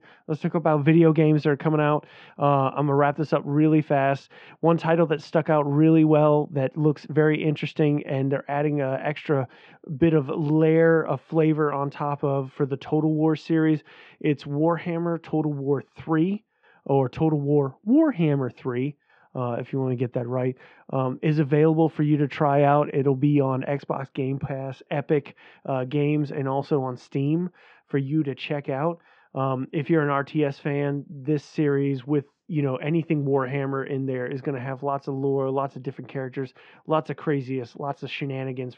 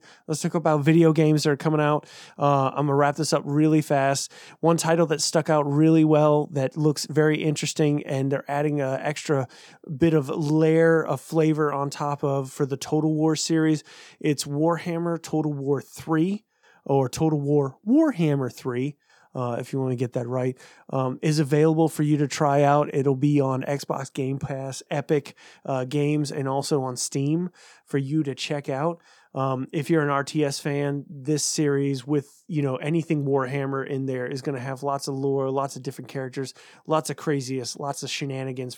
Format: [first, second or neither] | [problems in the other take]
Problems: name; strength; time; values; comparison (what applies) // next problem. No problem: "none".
second | muffled; very; fading above 3 kHz